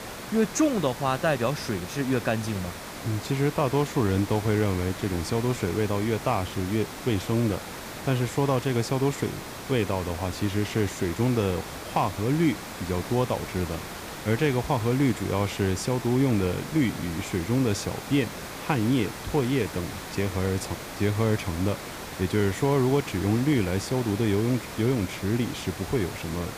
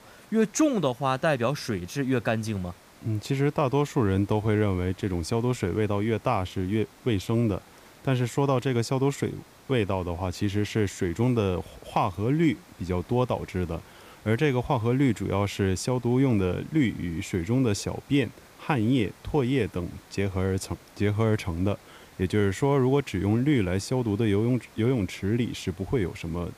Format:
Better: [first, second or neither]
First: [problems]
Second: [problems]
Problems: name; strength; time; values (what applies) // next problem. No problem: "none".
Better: second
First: hiss; loud; throughout; 10 dB below the speech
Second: hiss; faint; throughout; 25 dB below the speech